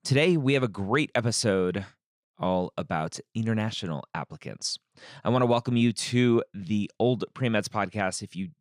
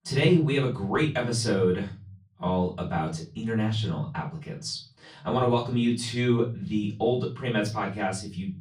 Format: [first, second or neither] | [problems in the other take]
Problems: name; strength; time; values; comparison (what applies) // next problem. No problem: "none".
first | off-mic speech; far // room echo; slight; dies away in 0.5 s